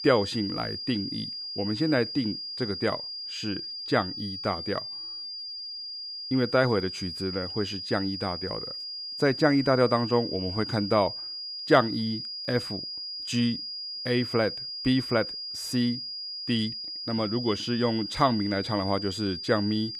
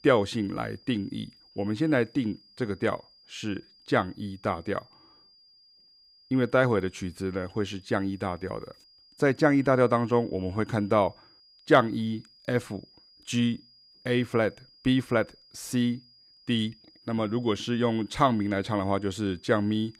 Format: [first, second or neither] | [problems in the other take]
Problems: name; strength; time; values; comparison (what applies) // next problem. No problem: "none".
second | high-pitched whine; loud; throughout; 5 kHz, 6 dB below the speech; faint in the second